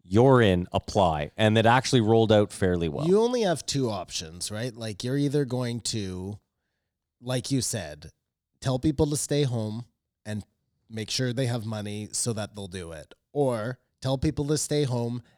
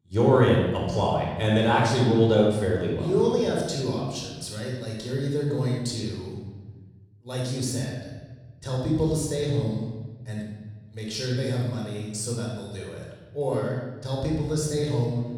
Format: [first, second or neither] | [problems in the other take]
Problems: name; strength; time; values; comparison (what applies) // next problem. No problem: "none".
first | off-mic speech; far // room echo; noticeable; dies away in 1.2 s